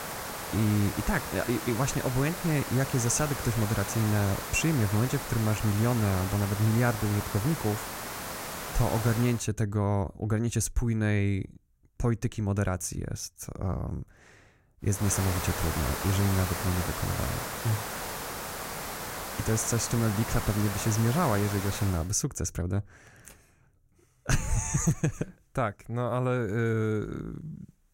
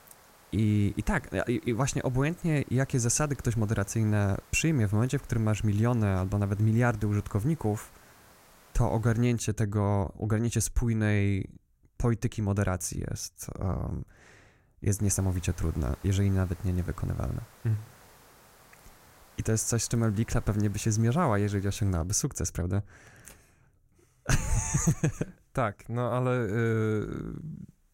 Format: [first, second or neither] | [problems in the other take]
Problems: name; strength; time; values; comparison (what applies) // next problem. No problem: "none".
second | hiss; loud; until 9.5 s and from 15 to 22 s; 6 dB below the speech; faint in the second